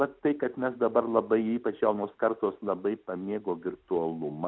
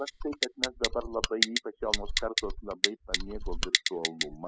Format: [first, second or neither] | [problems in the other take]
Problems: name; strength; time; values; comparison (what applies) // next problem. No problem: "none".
first | noise reduction (classical method spectral subtraction)